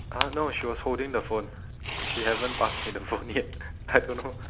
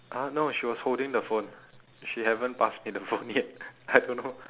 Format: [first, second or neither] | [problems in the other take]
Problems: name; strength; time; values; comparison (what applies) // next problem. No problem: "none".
second | background sound (Tearing); 6 dB below the speech